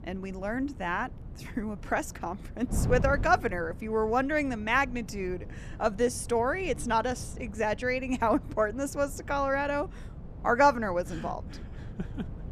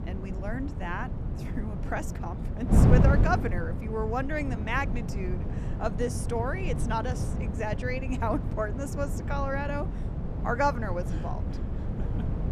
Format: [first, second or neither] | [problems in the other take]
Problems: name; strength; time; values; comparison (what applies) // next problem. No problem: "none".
first | wind noise on the microphone; heavy; 7 dB below the speech; occasional gusts in the first